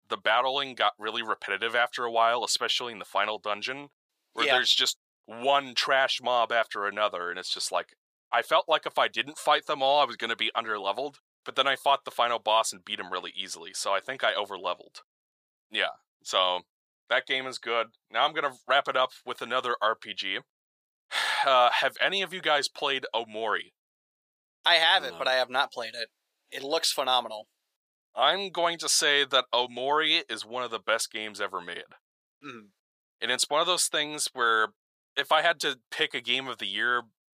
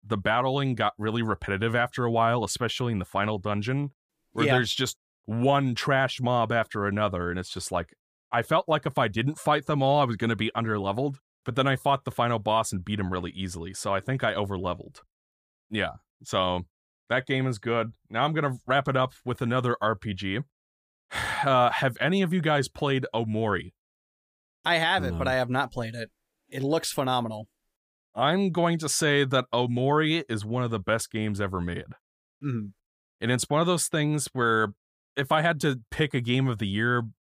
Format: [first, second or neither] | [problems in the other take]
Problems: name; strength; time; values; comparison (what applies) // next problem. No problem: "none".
second | thin; very; fading below 650 Hz